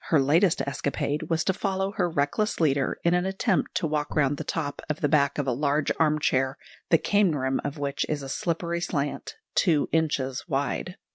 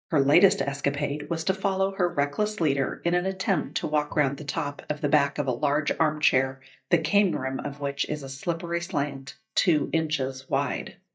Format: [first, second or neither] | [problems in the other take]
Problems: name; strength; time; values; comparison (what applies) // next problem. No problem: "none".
first | noise reduction (neural mask model DeepFilterNet 3)